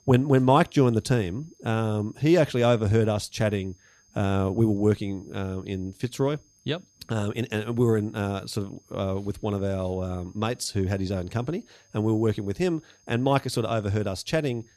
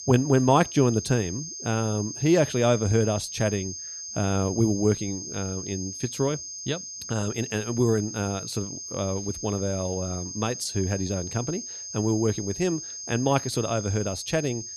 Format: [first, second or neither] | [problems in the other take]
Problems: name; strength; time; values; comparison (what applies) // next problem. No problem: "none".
first | high-pitched whine; loud; throughout; 6.5 kHz, 8 dB below the speech; faint in the first